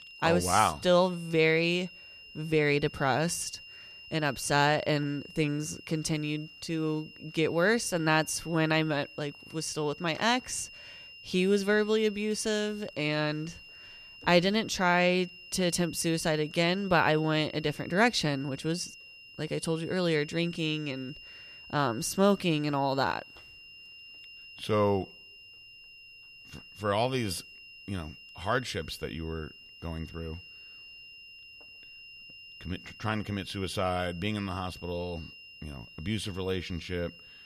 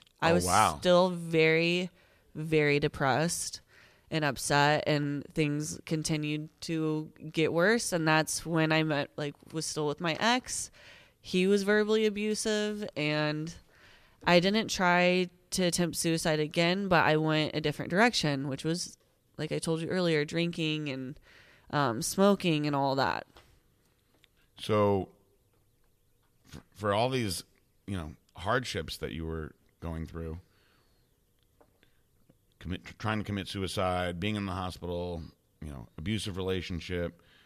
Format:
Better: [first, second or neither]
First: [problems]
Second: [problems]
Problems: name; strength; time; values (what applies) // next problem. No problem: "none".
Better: second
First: high-pitched whine; noticeable; throughout; 3 kHz, 20 dB below the speech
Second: none